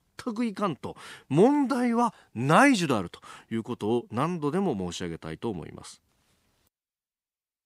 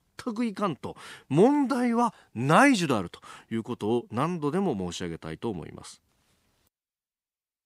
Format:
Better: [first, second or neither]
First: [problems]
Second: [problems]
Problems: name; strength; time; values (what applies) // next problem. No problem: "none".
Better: neither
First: none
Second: none